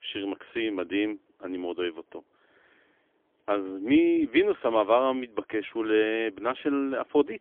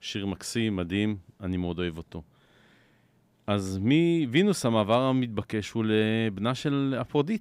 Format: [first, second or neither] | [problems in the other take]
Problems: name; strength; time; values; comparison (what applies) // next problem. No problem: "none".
second | phone-call audio; poor line; nothing above 3.5 kHz